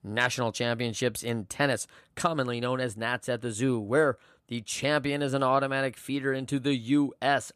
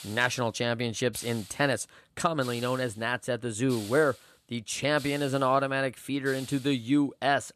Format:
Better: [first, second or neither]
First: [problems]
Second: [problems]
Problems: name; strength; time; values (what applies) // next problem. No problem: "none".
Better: first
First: none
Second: hiss; noticeable; throughout; 15 dB below the speech